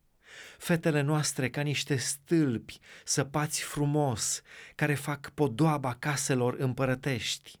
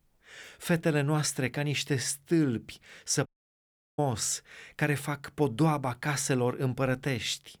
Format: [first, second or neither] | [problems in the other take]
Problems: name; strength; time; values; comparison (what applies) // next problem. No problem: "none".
first | audio cutting out; at 3.5 s for 0.5 s